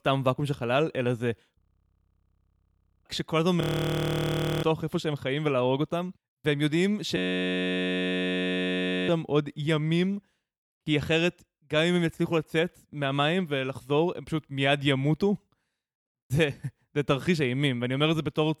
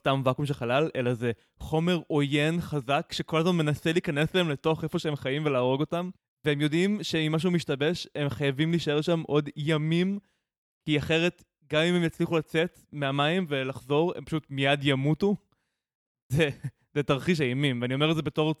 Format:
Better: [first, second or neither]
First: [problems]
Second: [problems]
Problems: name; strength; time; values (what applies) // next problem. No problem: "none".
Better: second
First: audio freezing; at 1.5 s for 1.5 s, at 3.5 s for 1 s and at 7 s for 2 s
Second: none